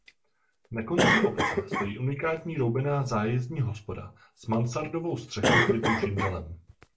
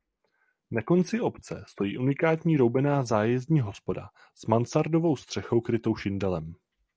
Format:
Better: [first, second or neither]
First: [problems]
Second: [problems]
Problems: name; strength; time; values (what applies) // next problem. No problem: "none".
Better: second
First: background sound (Cough); as loud as the speech // room echo; dies away in 0.2 s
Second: none